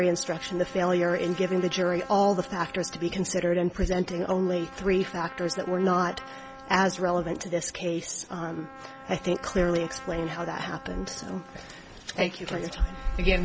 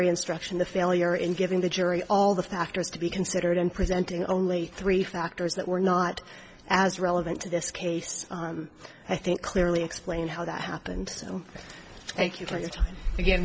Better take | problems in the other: second | background sound (Trumpet); 17 dB below the speech

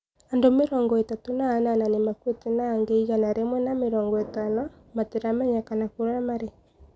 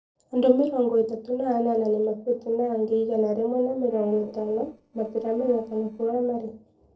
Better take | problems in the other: first | noise reduction (neural separator model SepFormer DNS4)

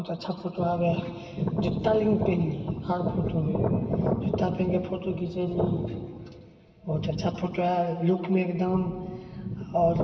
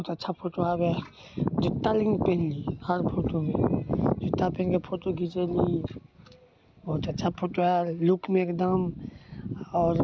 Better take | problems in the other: second | room echo; dies away in 1.9 s

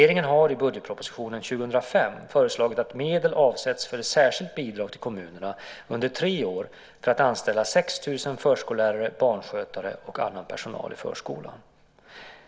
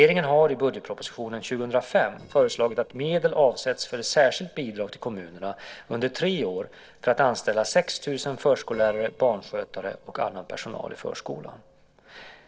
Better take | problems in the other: first | noise reduction (neural separator model SepFormer DNS4)

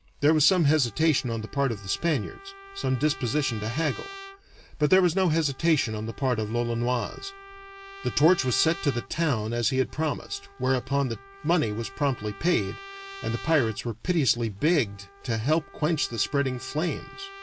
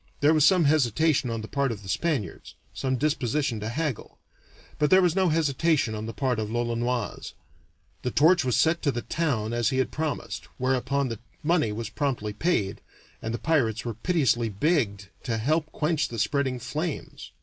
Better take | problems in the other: second | background sound (Trumpet); 18 dB below the speech

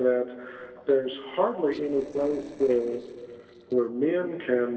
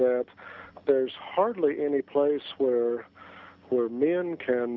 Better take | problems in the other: second | noise reduction (neural separator model SepFormer DNS4)

